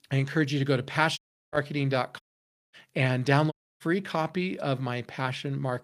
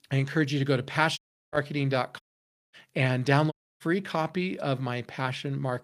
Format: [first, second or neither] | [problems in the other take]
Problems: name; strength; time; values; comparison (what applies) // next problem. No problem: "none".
neither | audio cutting out; at 1 s, at 2 s for 0.5 s and at 3.5 s; the same in both